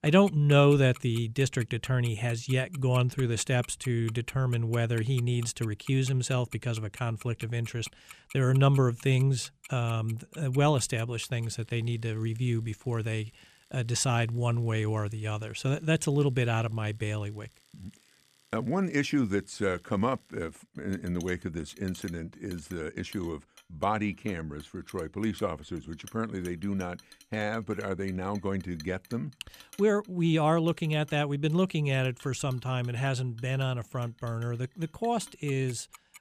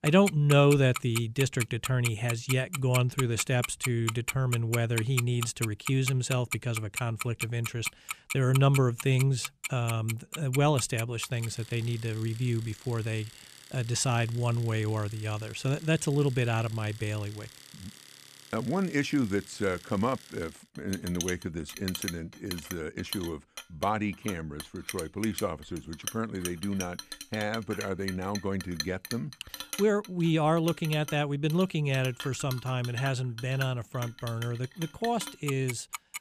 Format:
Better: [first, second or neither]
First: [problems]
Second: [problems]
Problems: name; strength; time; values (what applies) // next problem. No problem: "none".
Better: first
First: household noises; faint; throughout; 25 dB below the speech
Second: household noises; loud; throughout; 10 dB below the speech